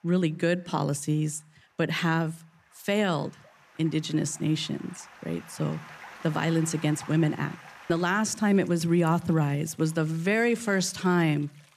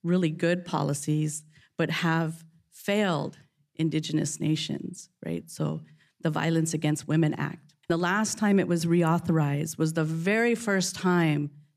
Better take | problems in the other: second | rain or running water; faint; throughout; 20 dB below the speech

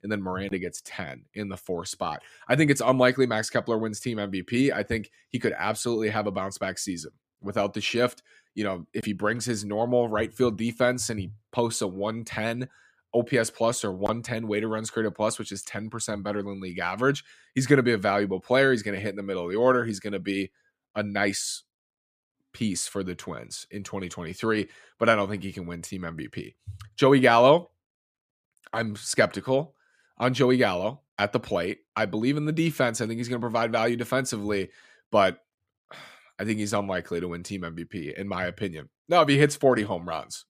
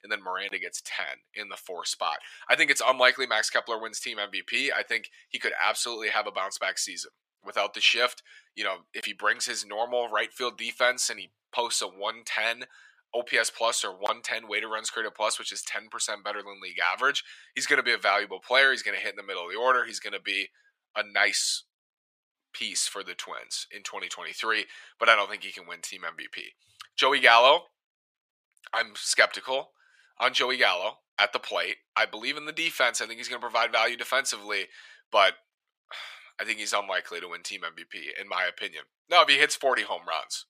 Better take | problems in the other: first | thin; very; fading below 850 Hz

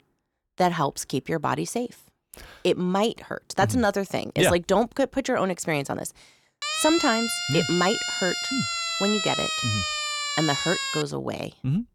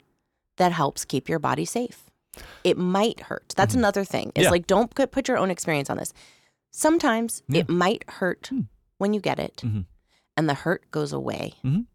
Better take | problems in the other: second | siren; loud; from 6.5 to 11 s; peak 1 dB above the speech

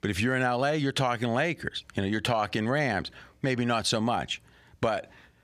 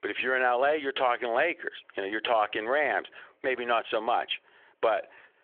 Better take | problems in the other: first | phone-call audio; nothing above 3.5 kHz

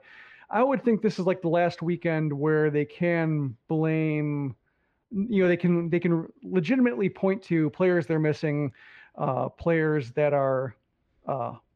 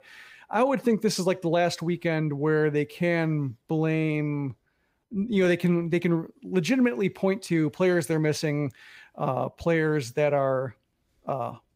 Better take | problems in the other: second | muffled; slightly; fading above 2.5 kHz

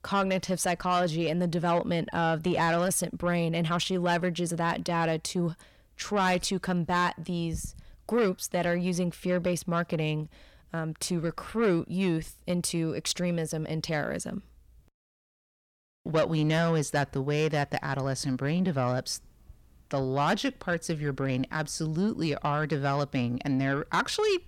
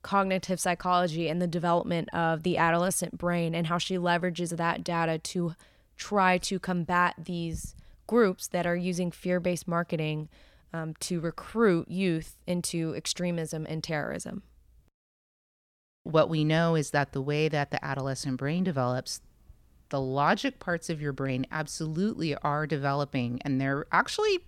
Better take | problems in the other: second | distortion; slight; 10 dB below the speech

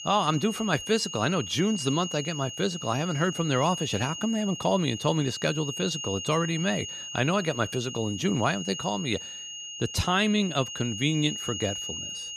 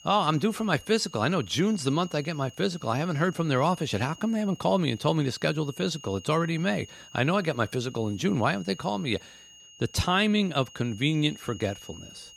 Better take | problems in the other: second | high-pitched whine; loud; throughout; 3 kHz, 7 dB below the speech; faint in the second

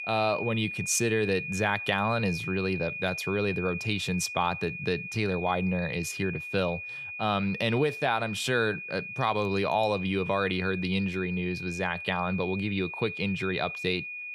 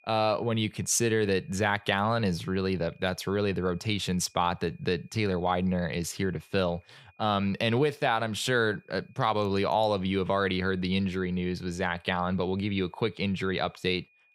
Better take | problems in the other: second | high-pitched whine; loud; throughout; 2.5 kHz, 6 dB below the speech; faint in the second

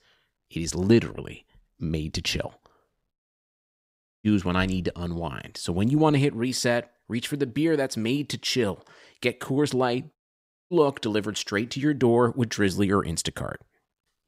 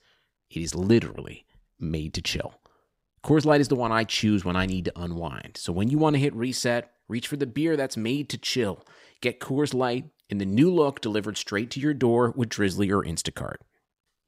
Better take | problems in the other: second | audio cutting out; at 3 s for 1 s and at 10 s for 0.5 s

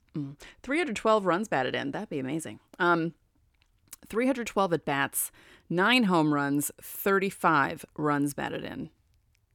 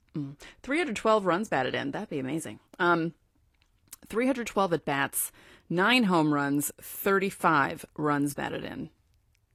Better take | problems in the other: first | garbled, watery; slightly

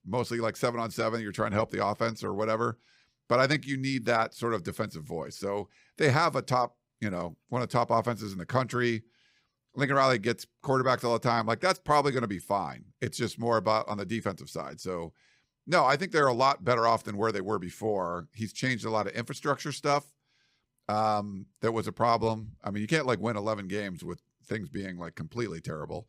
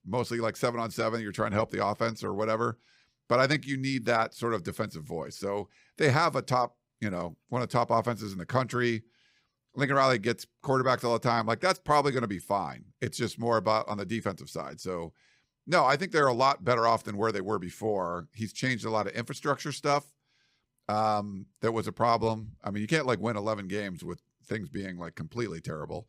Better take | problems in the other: neither | none

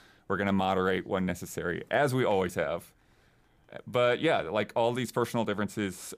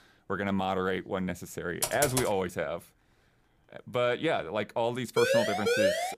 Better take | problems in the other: first | keyboard typing; loud; at 2 s; peak 1 dB above the speech // siren; loud; at 5 s; peak 5 dB above the speech

